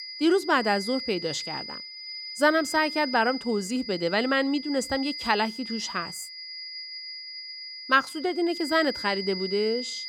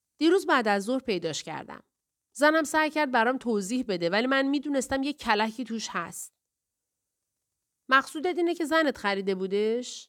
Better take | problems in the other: second | high-pitched whine; loud; throughout; 5 kHz, 9 dB below the speech

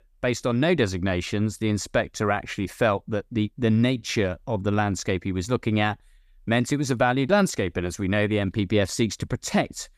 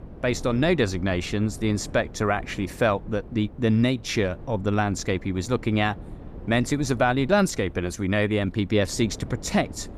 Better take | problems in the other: first | wind noise on the microphone; occasional gusts; 20 dB below the speech

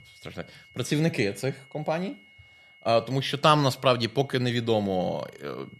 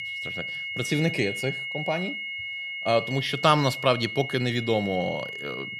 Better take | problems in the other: first | high-pitched whine; loud; throughout; 2 kHz, 6 dB below the speech; faint in the first

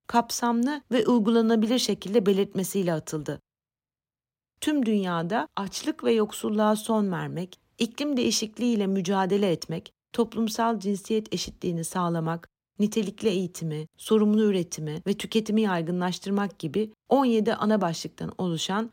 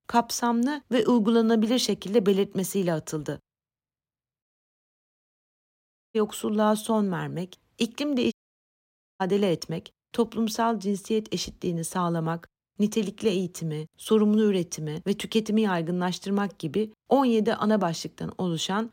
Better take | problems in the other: first | audio cutting out; at 4.5 s for 1.5 s and at 8.5 s for 1 s

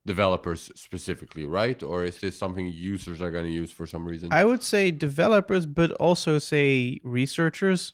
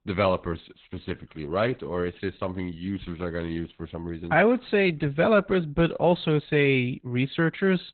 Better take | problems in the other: first | garbled, watery; badly; nothing above 4 kHz; slightly in the first

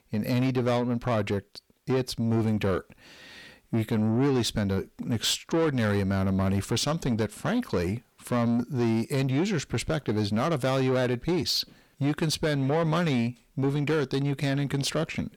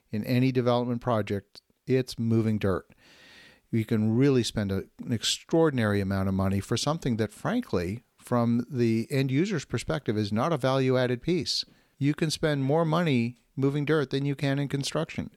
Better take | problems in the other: second | distortion; slight; 10 dB below the speech

